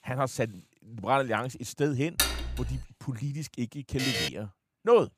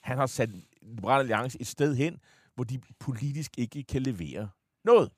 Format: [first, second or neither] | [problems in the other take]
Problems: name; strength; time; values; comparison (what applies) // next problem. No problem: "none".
second | clattering dishes; loud; at 2 s; peak 4 dB above the speech // alarm; loud; at 4 s; peak 2 dB above the speech